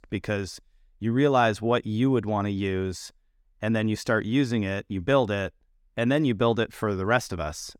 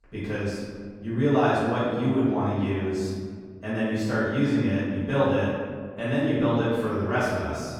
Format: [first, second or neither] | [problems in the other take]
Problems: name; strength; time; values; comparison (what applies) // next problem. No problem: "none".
first | room echo; strong; dies away in 1.7 s // off-mic speech; far